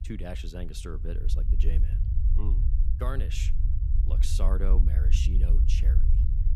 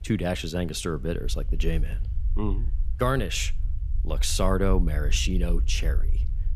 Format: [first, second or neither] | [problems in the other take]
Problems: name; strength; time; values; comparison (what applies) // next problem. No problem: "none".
second | low rumble; loud; throughout; 5 dB below the speech; faint in the second